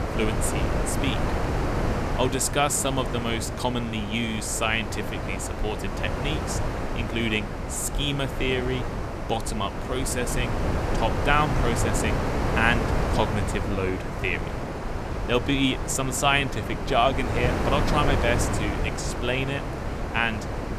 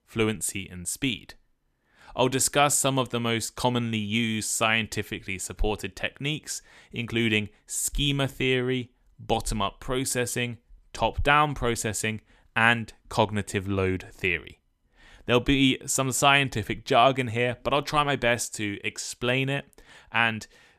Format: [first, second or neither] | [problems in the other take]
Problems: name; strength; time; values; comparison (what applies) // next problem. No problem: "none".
second | wind noise on the microphone; heavy; 4 dB below the speech